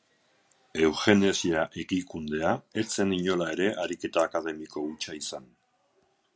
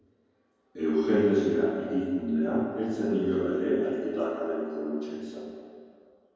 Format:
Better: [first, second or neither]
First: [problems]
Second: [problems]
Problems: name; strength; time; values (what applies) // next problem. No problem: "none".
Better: first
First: none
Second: room echo; dies away in 2.2 s